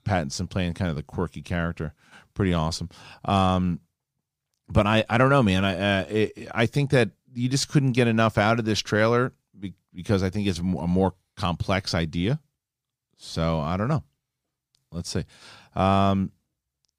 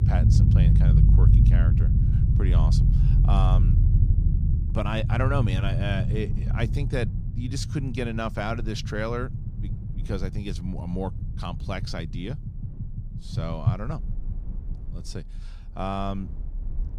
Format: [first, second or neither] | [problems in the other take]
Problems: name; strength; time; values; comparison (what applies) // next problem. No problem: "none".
first | low rumble; loud; throughout; 5 dB below the speech